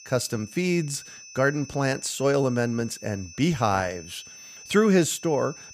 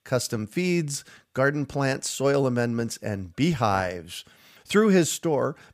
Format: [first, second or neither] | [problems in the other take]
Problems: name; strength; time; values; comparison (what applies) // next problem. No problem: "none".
second | high-pitched whine; noticeable; throughout; 6 kHz, 20 dB below the speech